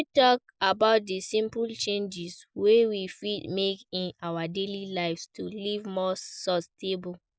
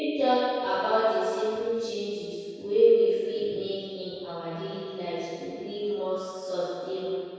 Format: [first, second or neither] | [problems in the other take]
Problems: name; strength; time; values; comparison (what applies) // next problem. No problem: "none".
first | room echo; dies away in 2.2 s